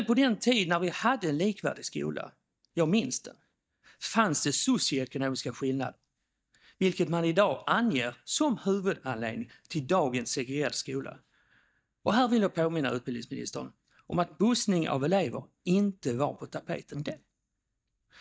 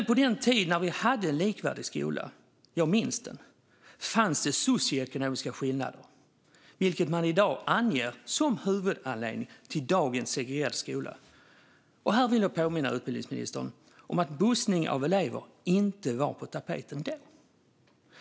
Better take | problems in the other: second | noise reduction (neural mask model DeepFilterNet 3)

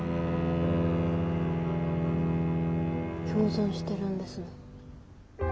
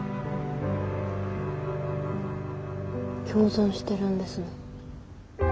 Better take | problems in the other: second | background sound (Bowed string instrument); 4 dB above the speech

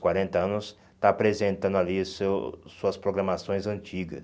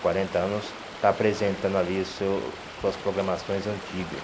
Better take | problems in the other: first | background sound (Stream); 11 dB below the speech

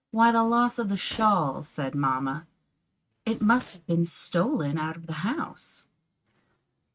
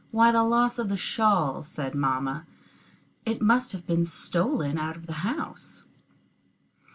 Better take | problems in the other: second | noise reduction (neural mask model RNNoise)

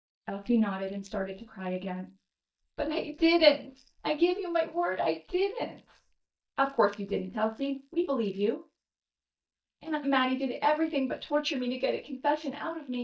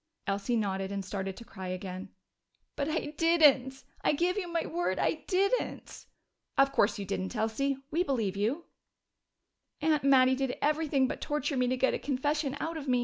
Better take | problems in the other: second | noise reduction (neural mask model DeepFilterNet 3)

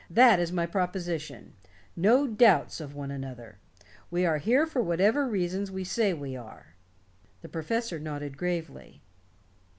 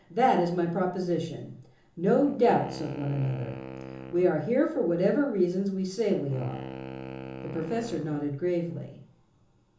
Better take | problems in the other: first | background sound (Wind instrument, woodwind instrument); 14 dB below the speech // room echo; dies away in 0.6 s

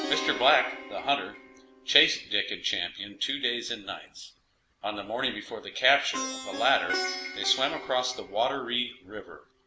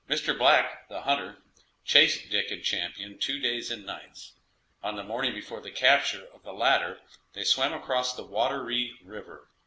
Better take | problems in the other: second | background sound (Plucked string instrument); 10 dB below the speech

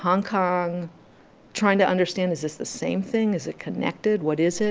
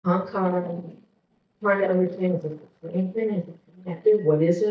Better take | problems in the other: first | noise reduction (neural mask model DeepFilterNet 3)

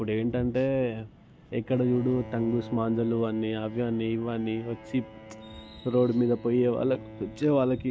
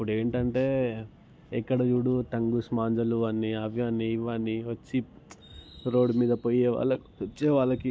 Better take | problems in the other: second | background sound (Bowed string instrument); 18 dB below the speech

